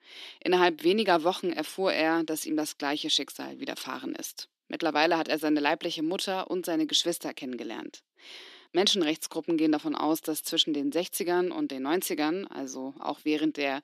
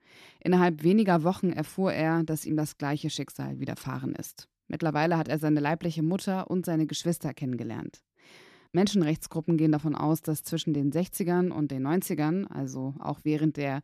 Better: second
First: thin; somewhat; fading below 300 Hz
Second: none

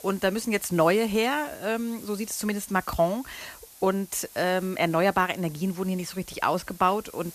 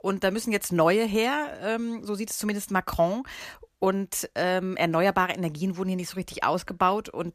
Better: second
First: hiss; noticeable; throughout; 20 dB below the speech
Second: none

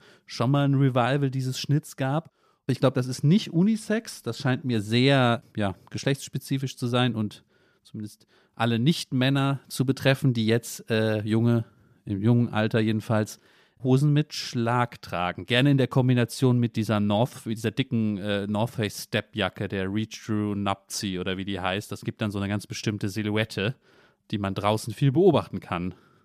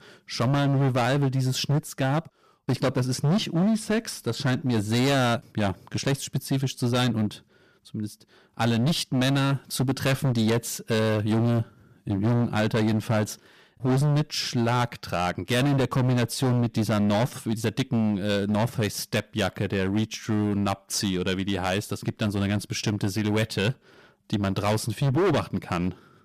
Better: first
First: none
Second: distortion; heavy; 16% of the sound clipped

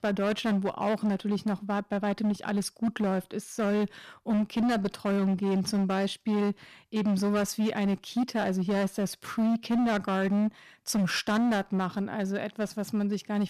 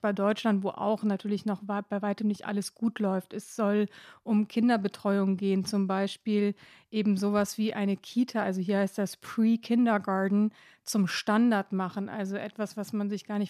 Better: second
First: distortion; slight; 17% of the sound clipped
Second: none

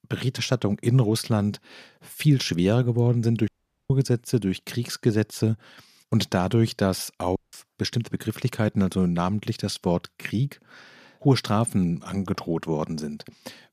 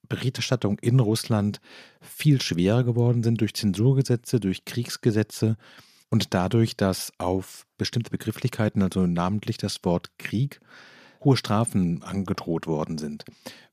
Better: second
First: audio cutting out; at 3.5 s and at 7.5 s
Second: none

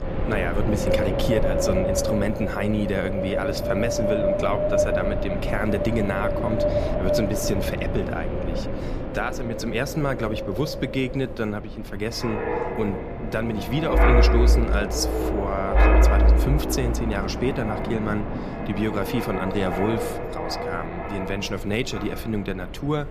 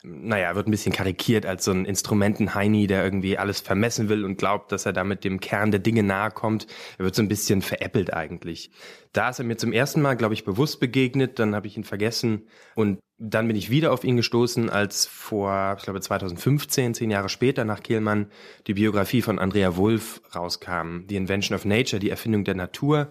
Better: second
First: wind in the background; very loud; throughout; 3 dB above the speech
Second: none

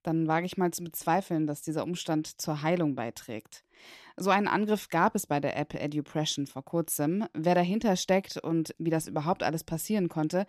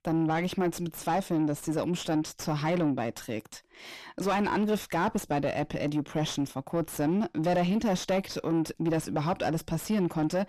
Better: first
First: none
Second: distortion; heavy; 7 dB below the speech

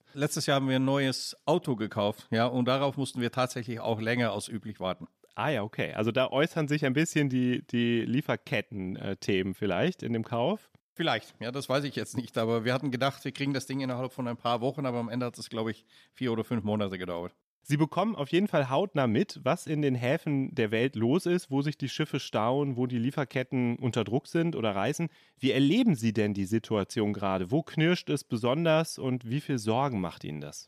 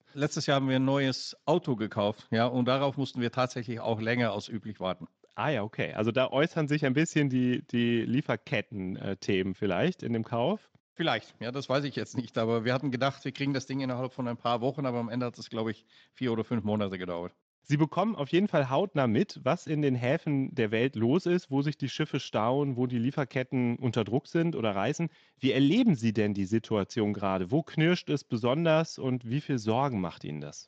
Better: first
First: none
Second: garbled, watery; slightly; nothing above 7.5 kHz

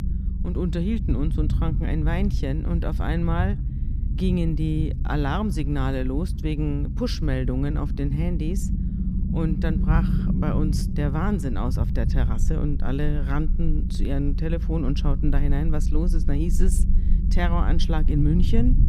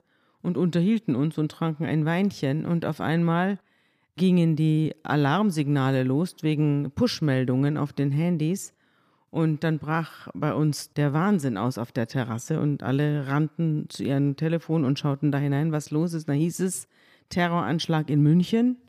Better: second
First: low rumble; loud; throughout; 8 dB below the speech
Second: none

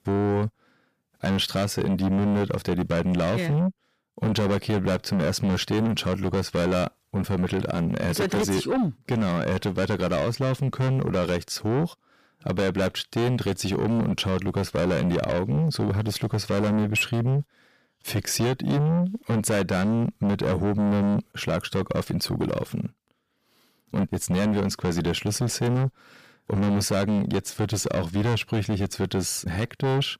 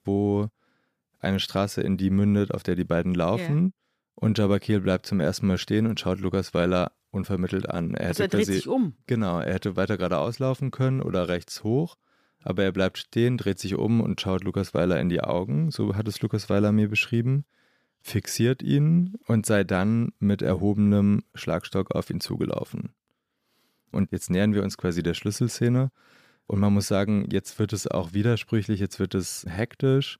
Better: second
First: distortion; heavy; 7 dB below the speech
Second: none

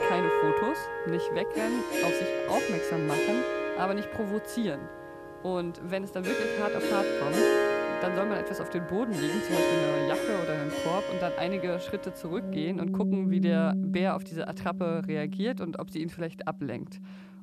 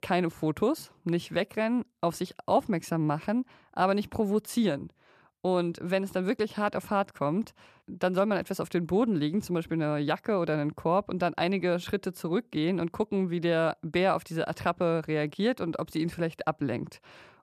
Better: second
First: background music; very loud; throughout; 3 dB above the speech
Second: none

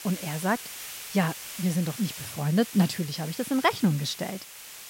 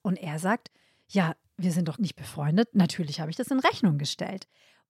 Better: second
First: hiss; noticeable; throughout; 10 dB below the speech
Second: none

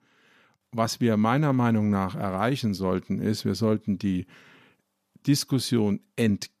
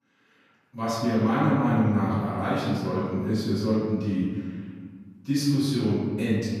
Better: first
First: none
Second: off-mic speech; far // room echo; strong; dies away in 1.6 s

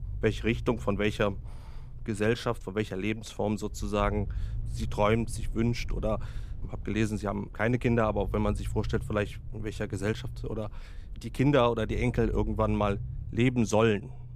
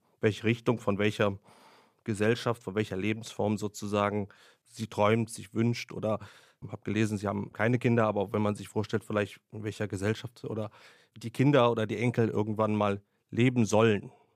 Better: second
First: low rumble; faint; throughout; 25 dB below the speech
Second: none

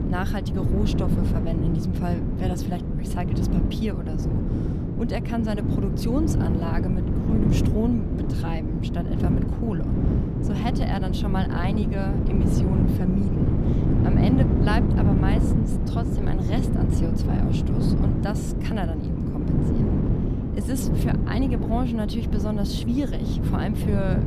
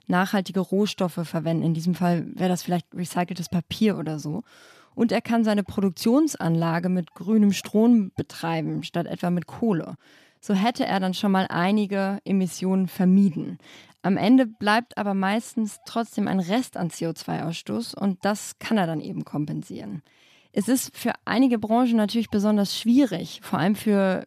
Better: second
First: wind noise on the microphone; heavy; 1 dB above the speech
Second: none

